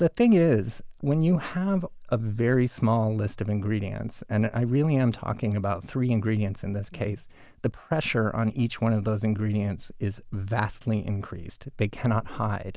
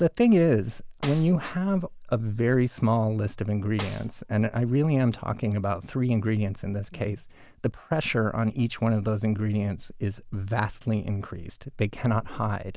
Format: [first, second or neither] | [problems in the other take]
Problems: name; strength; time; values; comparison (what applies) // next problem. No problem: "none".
first | background sound (Snare drum); 18 dB below the speech